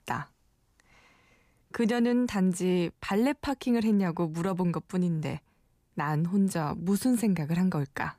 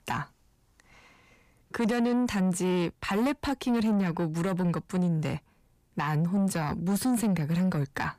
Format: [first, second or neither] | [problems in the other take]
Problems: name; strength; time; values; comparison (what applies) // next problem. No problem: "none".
first | distortion; slight; 10 dB below the speech